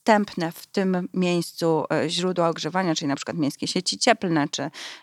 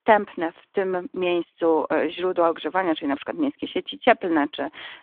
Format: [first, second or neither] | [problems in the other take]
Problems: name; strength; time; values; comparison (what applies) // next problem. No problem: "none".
first | phone-call audio; nothing above 3.5 kHz